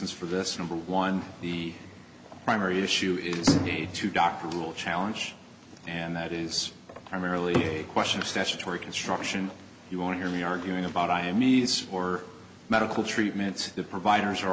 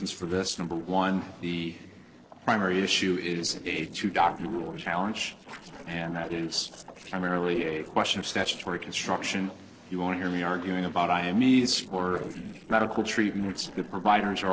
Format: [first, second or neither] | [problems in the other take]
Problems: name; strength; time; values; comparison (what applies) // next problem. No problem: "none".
first | noise reduction (neural separator model SepFormer DNS4)